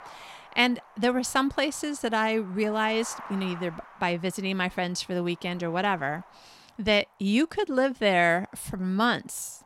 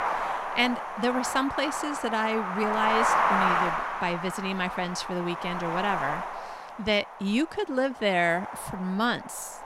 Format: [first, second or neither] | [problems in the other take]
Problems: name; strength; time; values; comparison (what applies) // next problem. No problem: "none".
first | wind noise on the microphone; heavy; 1 dB above the speech; occasional gusts in the first